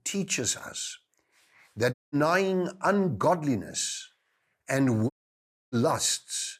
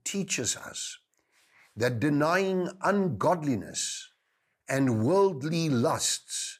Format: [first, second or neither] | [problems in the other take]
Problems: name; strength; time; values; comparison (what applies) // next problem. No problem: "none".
second | audio cutting out; at 2 s and at 5 s for 0.5 s